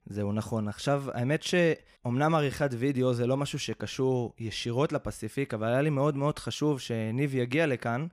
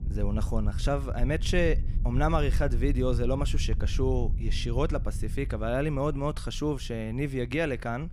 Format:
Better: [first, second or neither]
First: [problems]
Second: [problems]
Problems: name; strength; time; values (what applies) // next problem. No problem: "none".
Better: first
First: none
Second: low rumble; noticeable; throughout; 20 dB below the speech